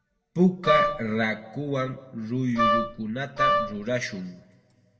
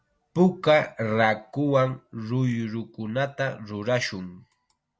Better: second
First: background sound (Wind instrument, woodwind instrument); 3 dB above the speech // room echo; dies away in 1.4 s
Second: none

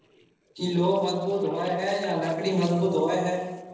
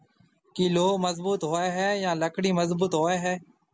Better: second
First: noise reduction (neural separator model SepFormer DNS4)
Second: none

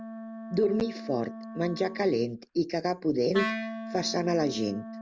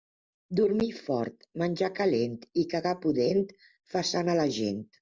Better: second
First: background sound (Wind instrument, woodwind instrument); 9 dB below the speech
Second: none

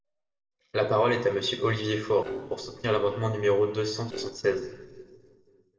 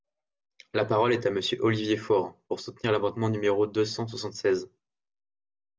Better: second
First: noise reduction (neural separator model SepFormer DNS4)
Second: none

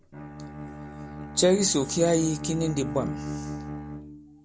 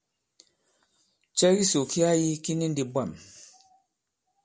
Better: second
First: background sound (Bowed string instrument); 9 dB below the speech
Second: none

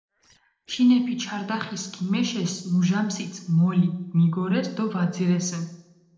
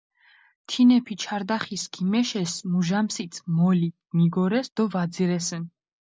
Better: second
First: noise reduction (neural separator model SepFormer DNS4)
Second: none

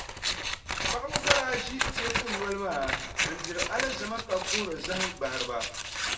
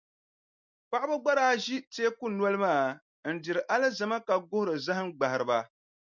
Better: second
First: background sound (Scissors); 2 dB above the speech // room echo; dies away in 0.7 s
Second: none

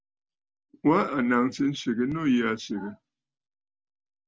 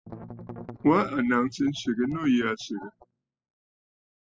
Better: first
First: none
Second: noise reduction (classical method spectral subtraction)

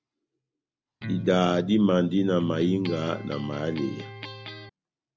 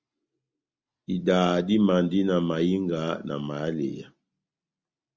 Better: second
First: background sound (Electric guitar); 11 dB below the speech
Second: none

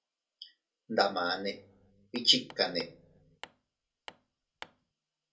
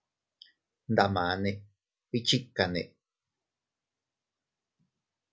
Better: second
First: background sound (Hammer); 19 dB below the speech // room echo; dies away in 0.2 s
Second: none

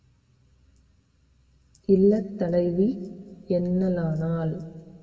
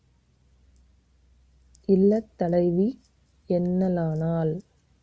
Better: second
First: room echo; dies away in 1.6 s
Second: none

